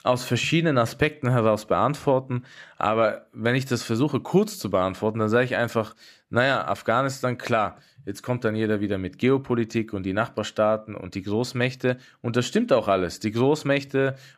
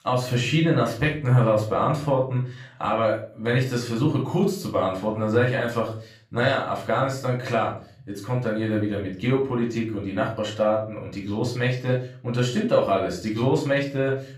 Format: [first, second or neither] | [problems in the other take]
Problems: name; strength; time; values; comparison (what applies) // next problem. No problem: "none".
first | off-mic speech; far // room echo; slight; dies away in 0.4 s